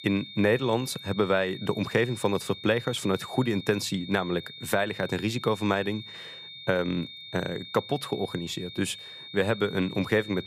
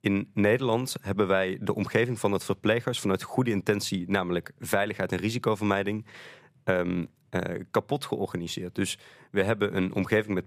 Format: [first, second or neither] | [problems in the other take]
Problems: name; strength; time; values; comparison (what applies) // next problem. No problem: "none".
second | high-pitched whine; noticeable; throughout; 3.5 kHz, 15 dB below the speech